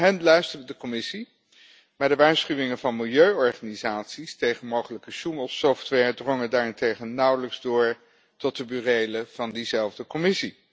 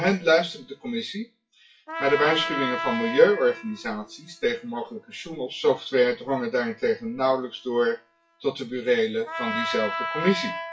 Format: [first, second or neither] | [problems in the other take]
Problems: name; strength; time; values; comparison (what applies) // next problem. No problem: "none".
first | noise reduction (classical method WPE with log-MMSE)